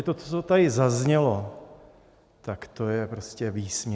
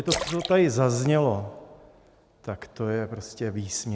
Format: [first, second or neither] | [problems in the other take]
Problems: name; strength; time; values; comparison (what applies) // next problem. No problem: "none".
first | background sound (Splash, splatter); 9 dB below the speech